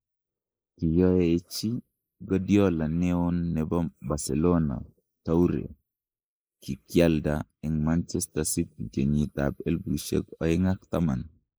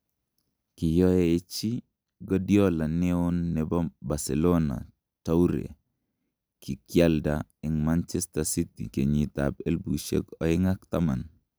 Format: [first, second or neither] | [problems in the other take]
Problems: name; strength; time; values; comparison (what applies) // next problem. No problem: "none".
second | noise reduction (neural mask model Resemble Enhance denoiser)